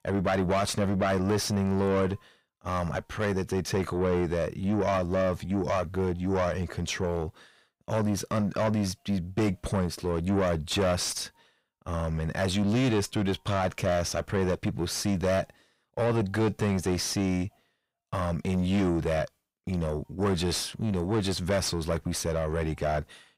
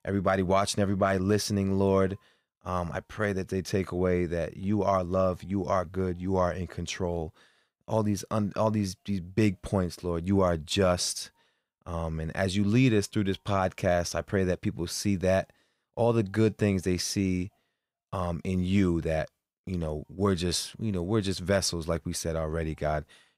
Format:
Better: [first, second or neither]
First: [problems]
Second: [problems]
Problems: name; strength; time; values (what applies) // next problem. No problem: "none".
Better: second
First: distortion; heavy; 7 dB below the speech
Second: none